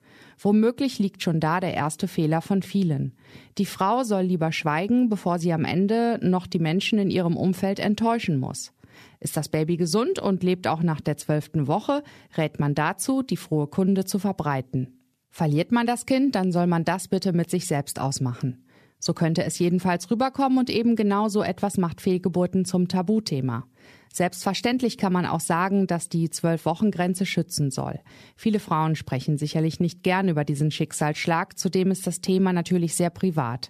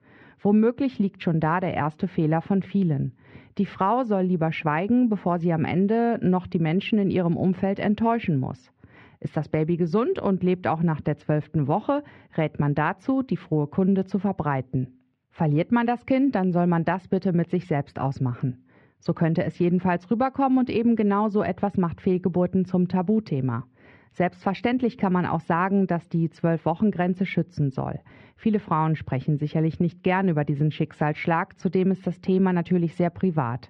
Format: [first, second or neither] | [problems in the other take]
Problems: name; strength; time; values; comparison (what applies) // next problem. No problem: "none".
first | muffled; very; fading above 2.5 kHz